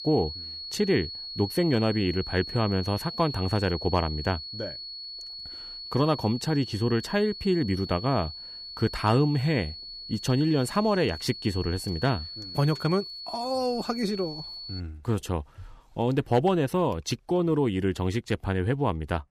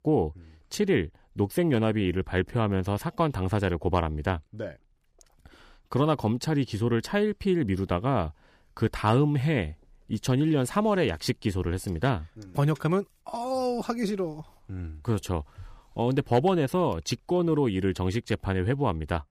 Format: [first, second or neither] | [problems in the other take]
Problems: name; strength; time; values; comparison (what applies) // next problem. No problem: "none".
second | high-pitched whine; loud; until 15 s; 4.5 kHz, 9 dB below the speech